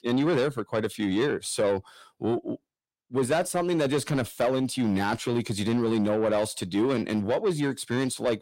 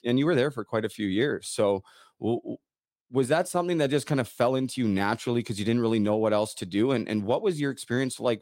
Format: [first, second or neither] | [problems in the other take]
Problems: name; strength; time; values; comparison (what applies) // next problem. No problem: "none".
second | distortion; slight; 10 dB below the speech